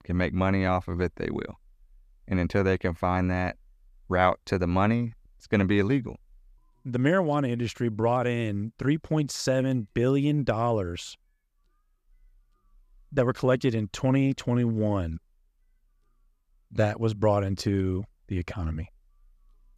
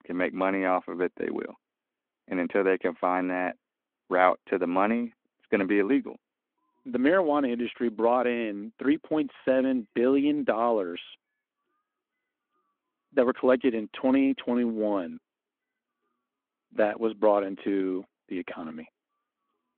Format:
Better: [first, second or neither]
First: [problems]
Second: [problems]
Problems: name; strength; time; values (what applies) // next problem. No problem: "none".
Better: first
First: none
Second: phone-call audio